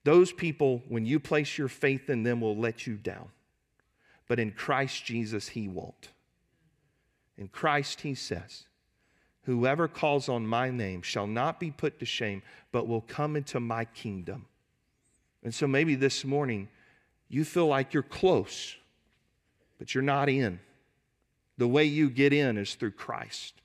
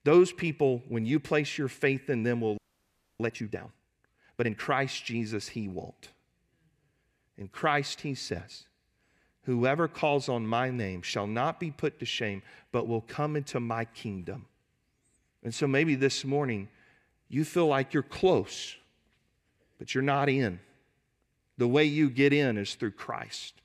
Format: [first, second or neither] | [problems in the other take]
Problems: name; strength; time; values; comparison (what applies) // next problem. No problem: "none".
first | audio freezing; at 2.5 s for 0.5 s